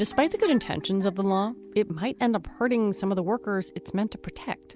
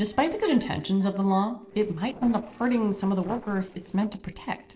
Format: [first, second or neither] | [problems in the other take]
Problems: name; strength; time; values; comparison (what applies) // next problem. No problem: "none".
first | noise reduction (neural separator model SepFormer DNS4)